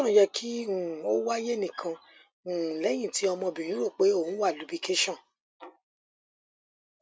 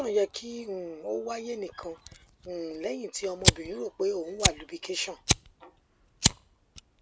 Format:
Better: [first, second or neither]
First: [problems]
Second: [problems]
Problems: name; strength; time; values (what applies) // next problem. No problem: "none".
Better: first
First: none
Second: background sound (Fire); 2 dB above the speech